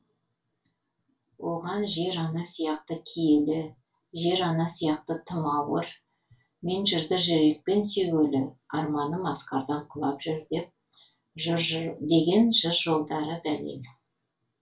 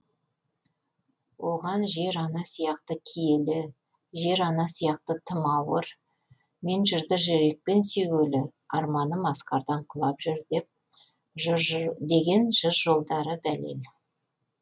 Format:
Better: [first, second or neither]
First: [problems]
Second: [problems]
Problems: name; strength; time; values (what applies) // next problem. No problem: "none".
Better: second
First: room echo; dies away in 0.2 s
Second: none